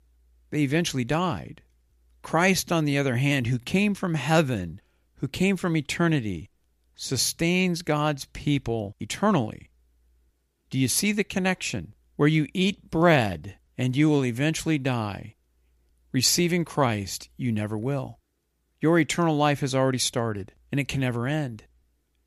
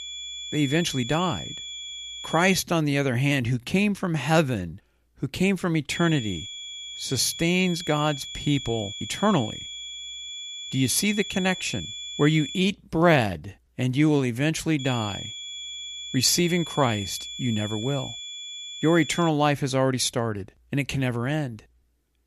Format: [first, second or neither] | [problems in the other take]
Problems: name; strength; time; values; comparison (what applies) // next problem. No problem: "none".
first | high-pitched whine; loud; until 2.5 s, from 6 to 13 s and from 15 to 19 s; 3.5 kHz, 9 dB below the speech